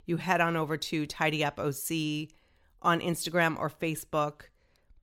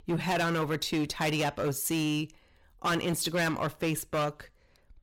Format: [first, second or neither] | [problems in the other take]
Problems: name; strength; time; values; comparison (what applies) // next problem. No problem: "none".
first | distortion; heavy; 13% of the sound clipped